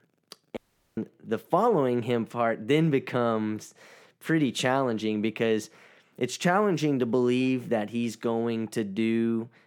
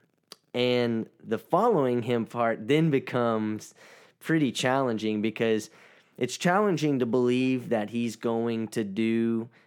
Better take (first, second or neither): second